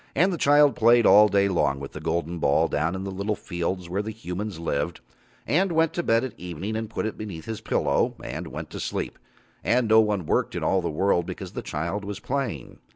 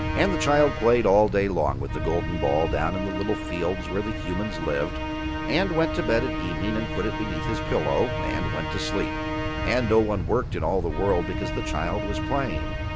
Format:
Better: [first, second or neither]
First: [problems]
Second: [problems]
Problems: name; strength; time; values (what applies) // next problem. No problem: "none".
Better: first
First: none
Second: background sound (Wind + Musical instrument); 3 dB below the speech